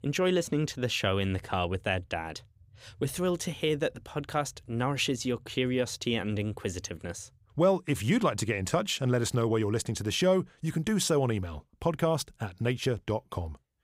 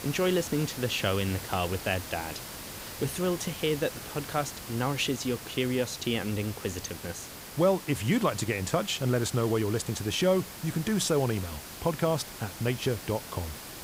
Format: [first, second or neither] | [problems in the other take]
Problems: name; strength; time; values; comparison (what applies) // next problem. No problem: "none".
first | hiss; noticeable; throughout; 10 dB below the speech